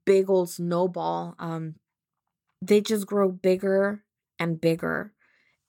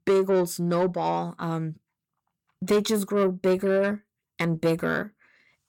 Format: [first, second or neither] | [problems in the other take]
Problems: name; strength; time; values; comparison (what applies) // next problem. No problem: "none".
first | distortion; slight; 10 dB below the speech